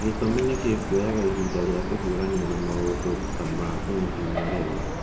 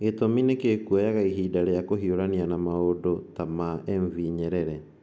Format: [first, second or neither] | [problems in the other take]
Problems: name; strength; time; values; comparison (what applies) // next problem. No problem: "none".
second | background sound (Chirp, tweet); 3 dB below the speech // room echo; dies away in 1.2 s